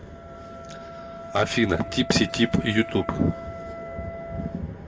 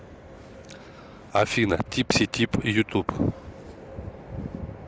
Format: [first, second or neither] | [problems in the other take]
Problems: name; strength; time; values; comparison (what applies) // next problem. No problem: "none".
second | background sound (Wind instrument, woodwind instrument); 12 dB below the speech // room echo; dies away in 1 s